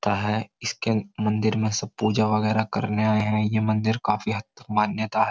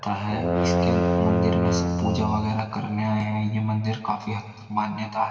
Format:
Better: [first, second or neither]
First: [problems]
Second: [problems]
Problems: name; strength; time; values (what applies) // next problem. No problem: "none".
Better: first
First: none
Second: background sound (Brass instrument); 2 dB above the speech // room echo; dies away in 2.5 s